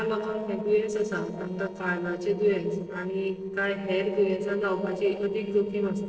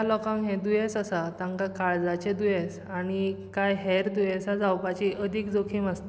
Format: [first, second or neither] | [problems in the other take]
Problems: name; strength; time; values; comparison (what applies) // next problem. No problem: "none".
second | noise reduction (neural separator model SepFormer DNS4)